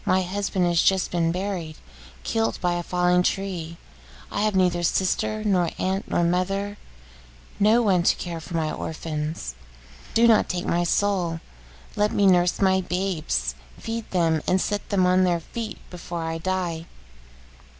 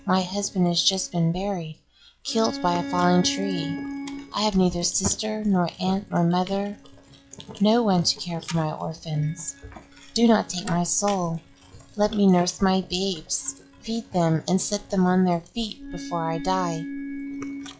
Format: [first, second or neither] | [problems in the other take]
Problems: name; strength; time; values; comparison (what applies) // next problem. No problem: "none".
first | noise reduction (classical method log-MMSE)